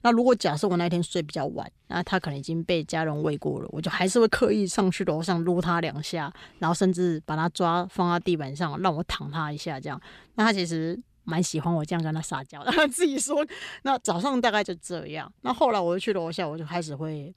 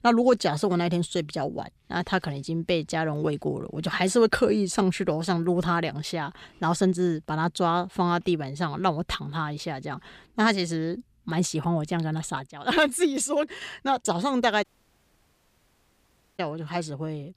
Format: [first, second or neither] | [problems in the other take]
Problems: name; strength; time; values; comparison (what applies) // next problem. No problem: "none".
first | audio cutting out; at 15 s for 1.5 s